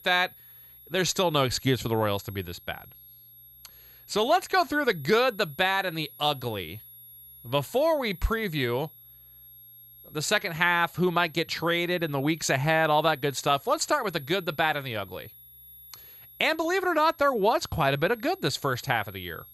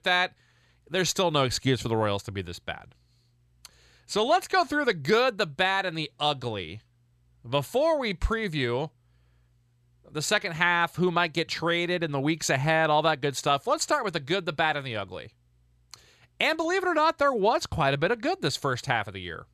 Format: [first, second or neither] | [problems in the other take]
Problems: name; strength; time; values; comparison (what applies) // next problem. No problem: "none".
second | high-pitched whine; faint; throughout; 11.5 kHz, 20 dB below the speech